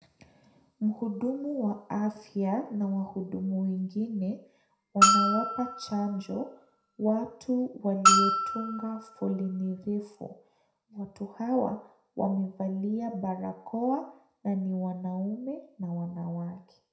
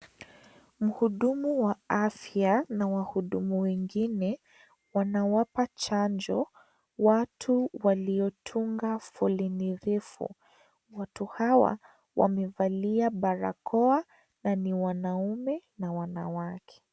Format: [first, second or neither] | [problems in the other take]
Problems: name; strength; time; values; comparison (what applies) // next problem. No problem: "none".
second | background sound (Bell); 4 dB above the speech // room echo; dies away in 0.4 s